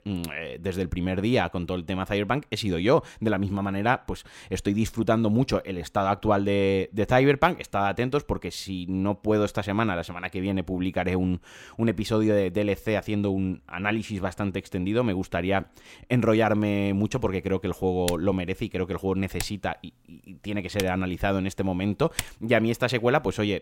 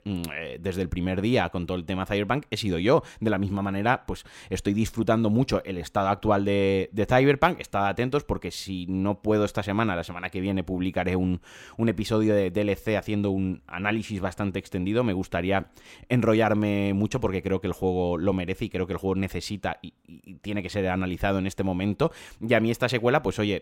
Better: second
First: keyboard typing; noticeable; from 18 to 22 s; peak 7 dB below the speech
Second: none

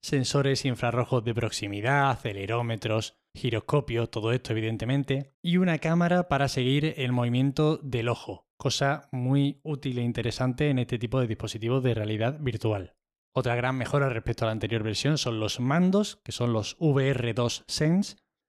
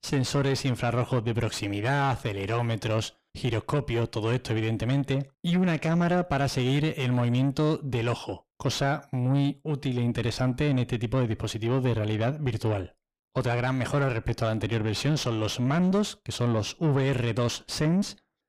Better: first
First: none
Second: distortion; slight; 10 dB below the speech

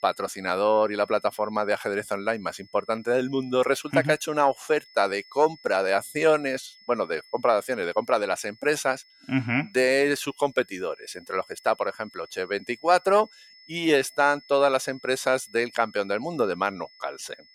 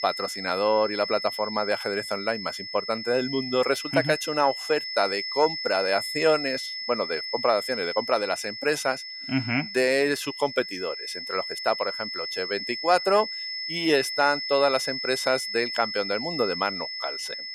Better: first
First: high-pitched whine; faint; throughout; 5 kHz, 25 dB below the speech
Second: high-pitched whine; loud; throughout; 5 kHz, 5 dB below the speech

